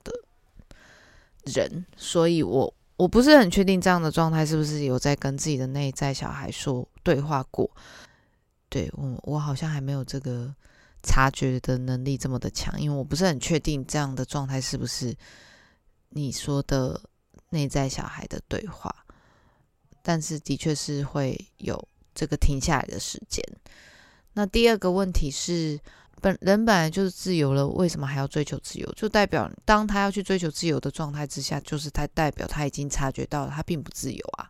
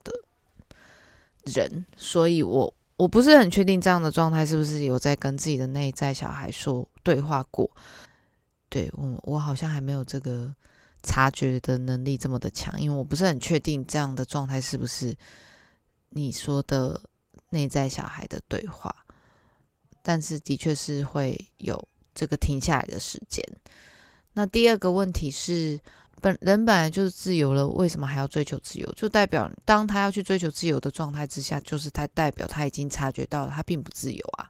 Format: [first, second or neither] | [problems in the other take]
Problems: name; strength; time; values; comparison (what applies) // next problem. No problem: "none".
first | garbled, watery; slightly; nothing above 16 kHz